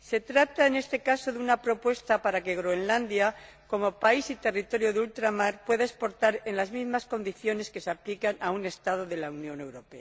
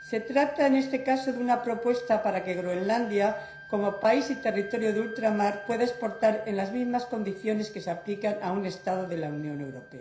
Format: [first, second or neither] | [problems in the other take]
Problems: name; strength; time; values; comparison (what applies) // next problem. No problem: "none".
first | background sound (Wind instrument, woodwind instrument); 19 dB below the speech // room echo; dies away in 0.5 s